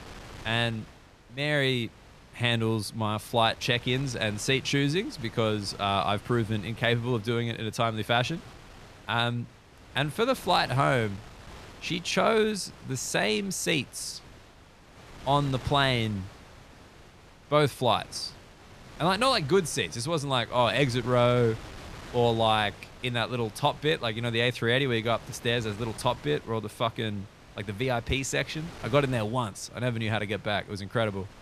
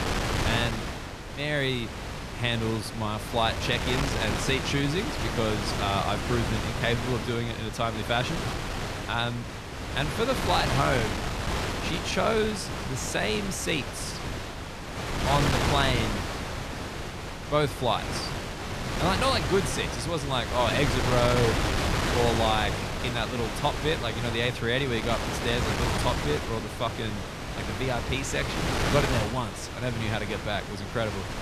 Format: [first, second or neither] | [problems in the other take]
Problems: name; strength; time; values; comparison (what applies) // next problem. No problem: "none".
first | wind noise on the microphone; heavy; 3 dB below the speech; occasional gusts in the first